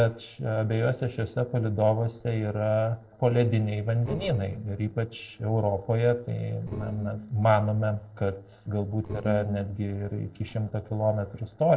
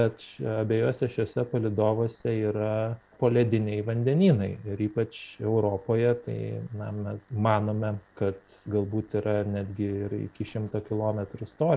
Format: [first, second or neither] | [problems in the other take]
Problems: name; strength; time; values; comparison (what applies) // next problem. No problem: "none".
second | noise reduction (neural separator model SepFormer DNS4)